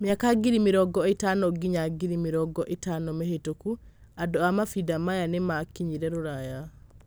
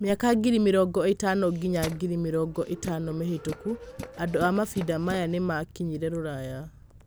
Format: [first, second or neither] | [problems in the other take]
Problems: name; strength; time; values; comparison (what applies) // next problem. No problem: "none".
first | background sound (Tools); 14 dB below the speech